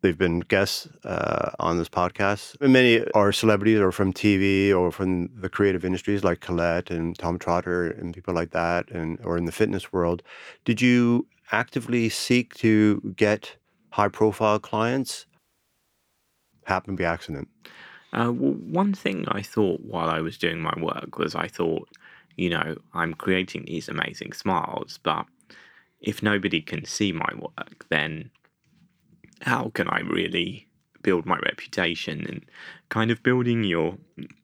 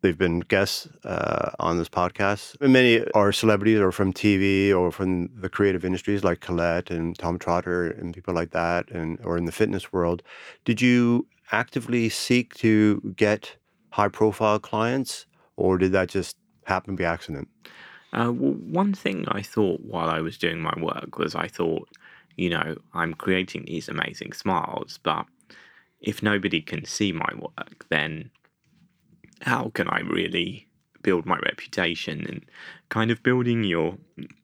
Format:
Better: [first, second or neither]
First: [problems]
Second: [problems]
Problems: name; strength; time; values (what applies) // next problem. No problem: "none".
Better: second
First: audio cutting out; at 15 s for 1 s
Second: none